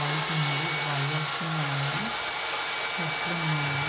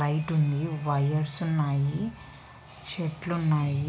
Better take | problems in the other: second | background sound (Sawing); 2 dB above the speech

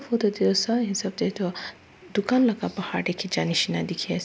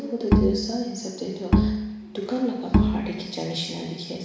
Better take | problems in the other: first | background sound (Bowed string instrument); 5 dB above the speech // room echo; dies away in 1 s

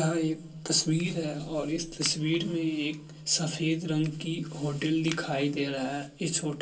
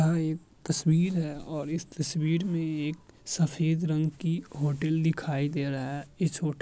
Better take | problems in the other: second | background sound (Crushing); 19 dB below the speech // room echo; dies away in 0.2 s

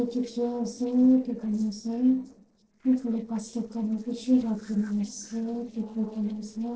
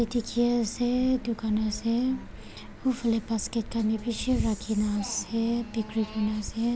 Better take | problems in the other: second | noise reduction (neural separator model SepFormer DNS4)

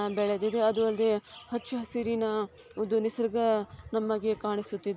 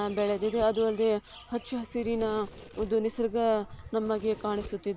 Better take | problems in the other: first | background sound (Splash, splatter + Domestic sounds, home sounds); 18 dB below the speech

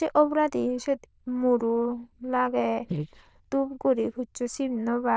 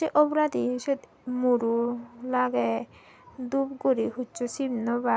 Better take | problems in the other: second | noise reduction (neural diffusion model UNIVERSE++)

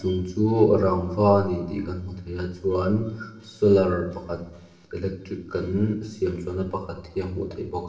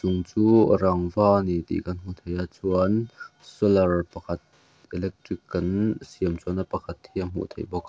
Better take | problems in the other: second | room echo; dies away in 0.9 s

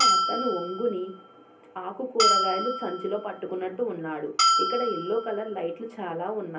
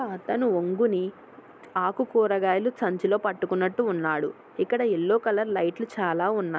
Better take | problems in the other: second | background sound (Bell); 2 dB above the speech // room echo; dies away in 0.3 s

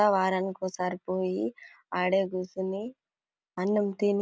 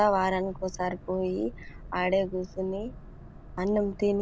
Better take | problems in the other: first | background sound (Boat, Water vehicle); 15 dB below the speech

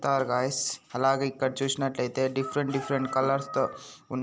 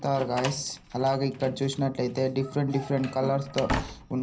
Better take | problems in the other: first | background sound (Slam); 11 dB below the speech // room echo; dies away in 0.5 s

